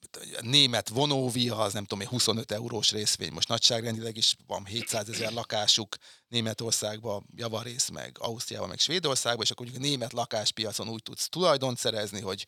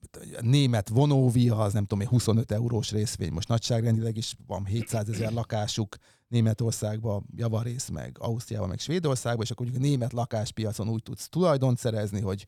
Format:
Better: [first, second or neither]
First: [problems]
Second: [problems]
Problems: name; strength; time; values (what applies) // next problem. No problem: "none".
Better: second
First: thin; somewhat; fading below 700 Hz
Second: none